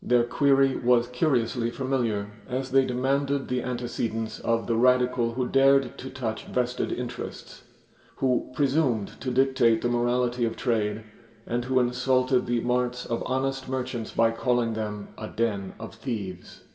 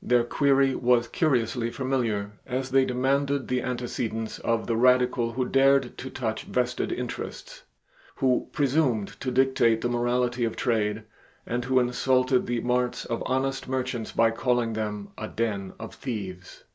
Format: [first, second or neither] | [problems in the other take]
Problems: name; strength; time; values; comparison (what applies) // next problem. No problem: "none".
second | room echo; dies away in 2.5 s